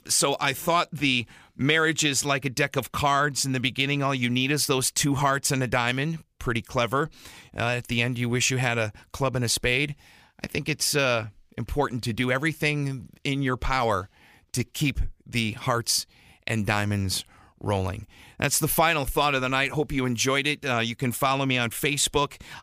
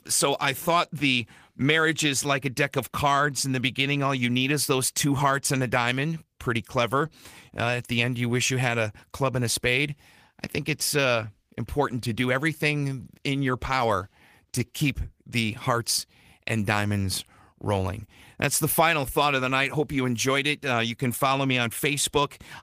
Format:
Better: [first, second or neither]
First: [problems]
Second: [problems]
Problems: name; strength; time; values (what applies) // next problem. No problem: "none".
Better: first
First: none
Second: garbled, watery; slightly; nothing above 15 kHz